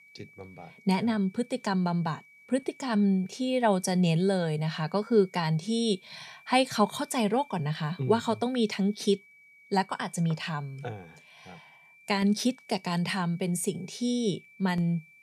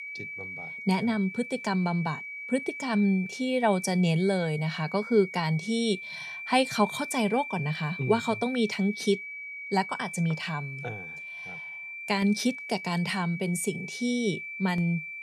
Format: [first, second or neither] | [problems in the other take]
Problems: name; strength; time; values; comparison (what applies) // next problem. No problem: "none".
first | high-pitched whine; loud; throughout; 2.5 kHz, 9 dB below the speech; faint in the first